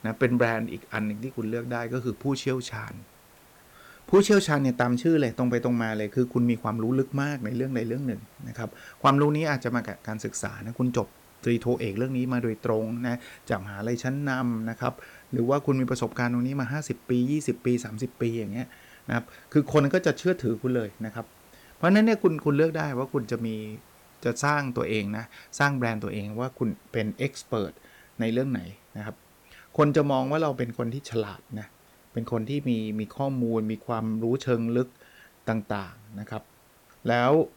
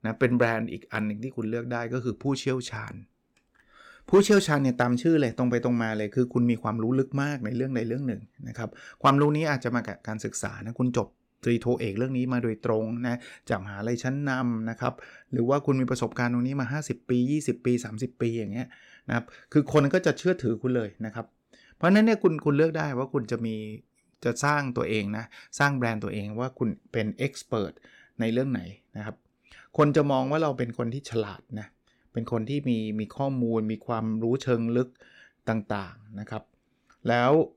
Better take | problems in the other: second | hiss; faint; throughout; 25 dB below the speech

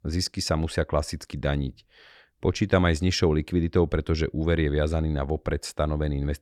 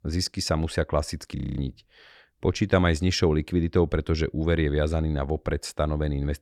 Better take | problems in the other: first | audio freezing; at 1.5 s

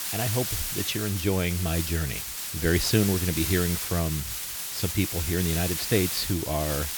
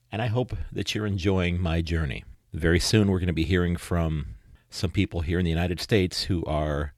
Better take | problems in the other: second | hiss; loud; throughout; 2 dB below the speech

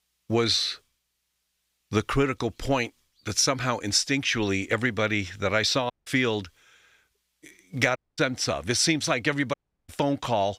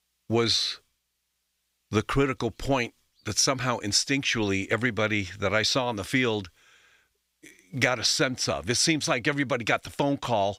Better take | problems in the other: second | audio cutting out; at 6 s, at 8 s and at 9.5 s

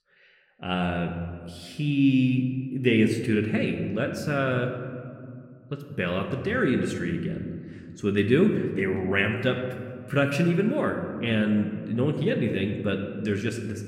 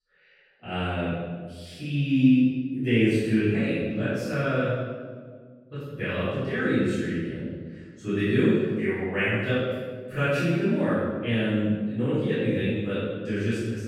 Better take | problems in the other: first | room echo; strong; dies away in 1.4 s; slight in the first // off-mic speech; far

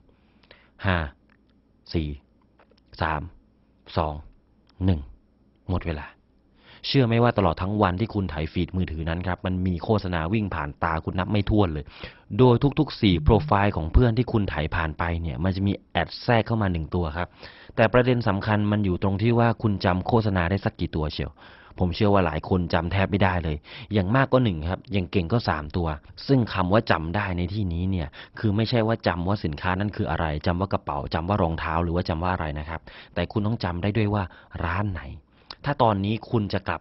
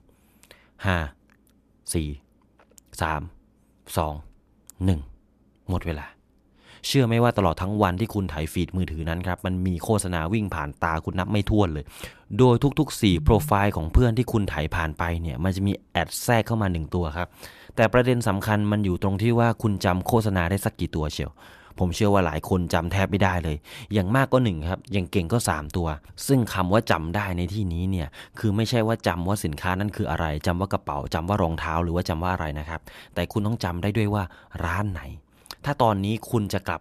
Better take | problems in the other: second | garbled, watery; badly; nothing above 5.5 kHz

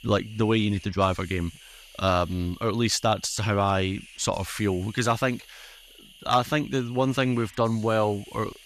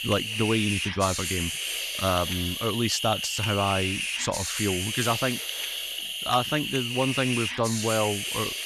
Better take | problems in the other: first | hiss; loud; throughout; 1 dB below the speech; faint in the first

